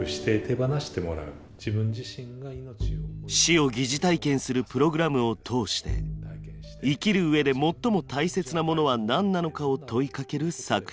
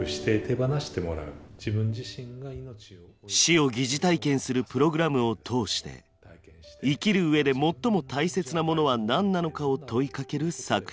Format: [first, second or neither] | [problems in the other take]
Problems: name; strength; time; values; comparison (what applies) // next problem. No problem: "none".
second | background sound (Bowed string instrument); 11 dB below the speech